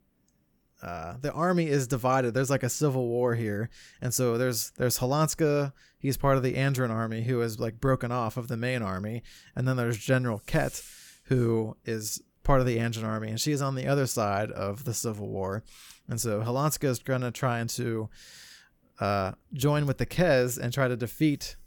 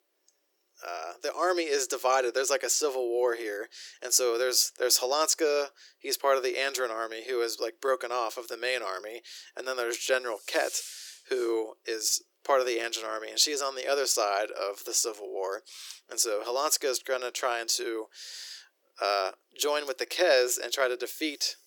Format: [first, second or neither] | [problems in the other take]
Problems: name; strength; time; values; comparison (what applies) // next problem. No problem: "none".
first | thin; very; fading below 350 Hz